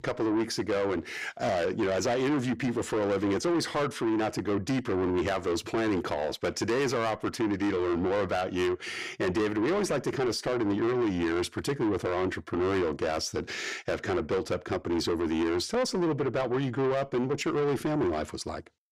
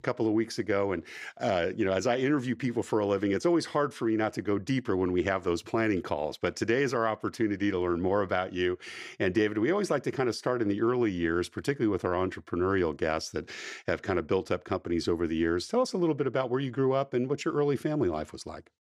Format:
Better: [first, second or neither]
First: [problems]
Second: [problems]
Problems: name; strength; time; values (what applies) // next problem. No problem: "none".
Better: second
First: distortion; heavy; 8 dB below the speech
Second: none